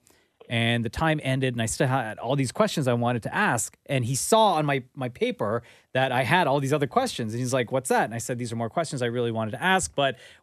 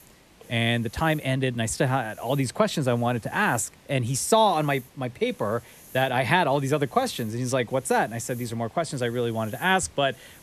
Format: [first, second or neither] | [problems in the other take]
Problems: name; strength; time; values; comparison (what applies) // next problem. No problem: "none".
first | hiss; faint; throughout; 25 dB below the speech